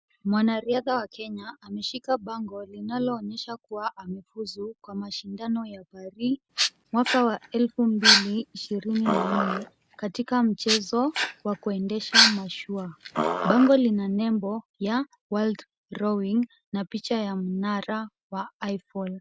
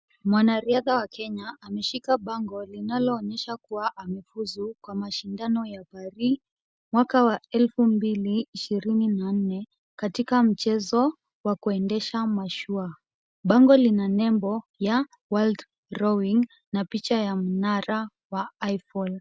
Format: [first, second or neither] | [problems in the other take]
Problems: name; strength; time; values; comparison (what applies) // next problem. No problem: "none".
second | background sound (Dog); as loud as the speech